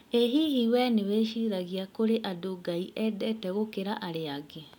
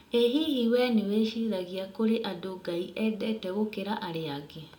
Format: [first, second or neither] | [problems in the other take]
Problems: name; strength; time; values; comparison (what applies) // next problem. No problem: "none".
first | room echo; dies away in 0.5 s